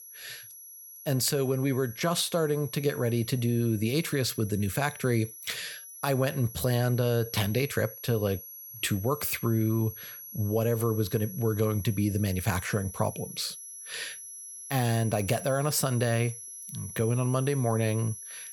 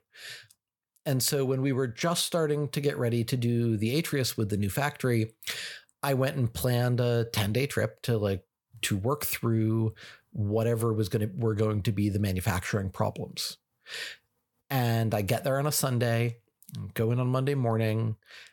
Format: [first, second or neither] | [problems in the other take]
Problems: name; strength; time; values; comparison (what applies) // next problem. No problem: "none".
second | high-pitched whine; noticeable; throughout; 11 kHz, 15 dB below the speech